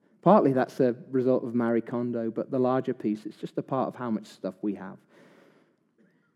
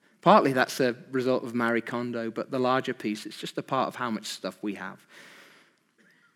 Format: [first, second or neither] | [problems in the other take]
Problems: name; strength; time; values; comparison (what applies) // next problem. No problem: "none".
second | muffled; slightly; fading above 1 kHz